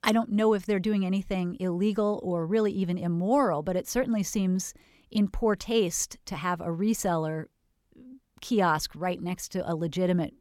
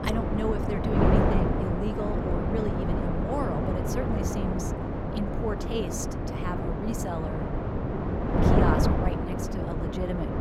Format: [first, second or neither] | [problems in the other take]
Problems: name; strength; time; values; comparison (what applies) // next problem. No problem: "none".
first | wind noise on the microphone; heavy; 4 dB above the speech